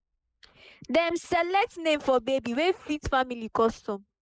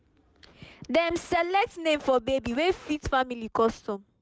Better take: second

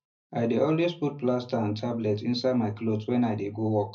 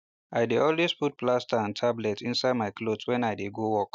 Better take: second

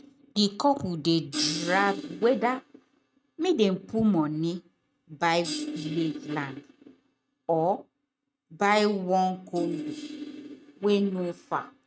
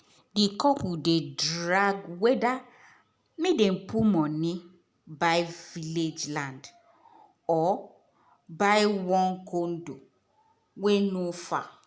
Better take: second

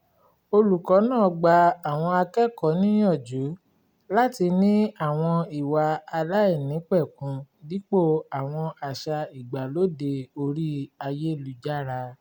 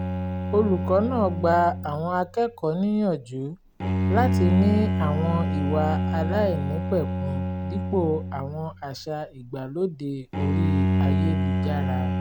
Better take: first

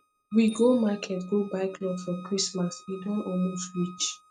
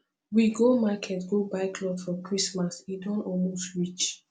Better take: second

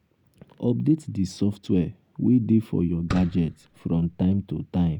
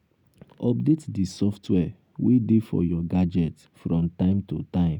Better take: second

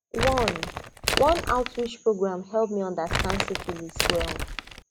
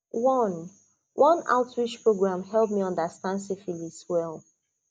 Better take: second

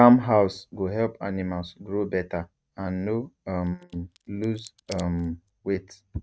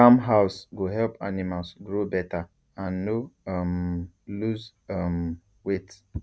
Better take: second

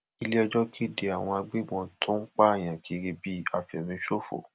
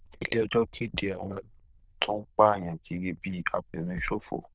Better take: first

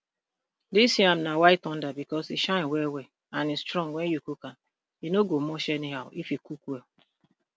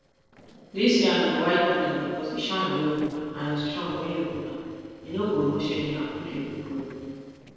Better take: first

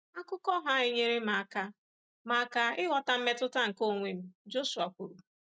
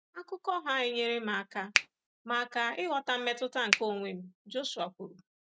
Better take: first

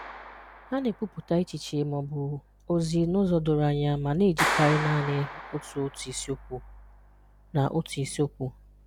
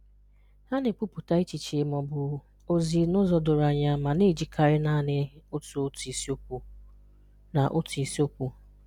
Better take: second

